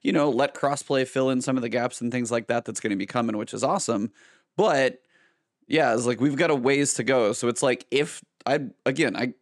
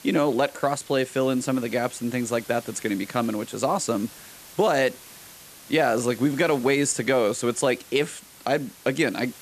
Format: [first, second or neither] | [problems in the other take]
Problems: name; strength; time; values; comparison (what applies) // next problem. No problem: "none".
first | hiss; noticeable; throughout; 20 dB below the speech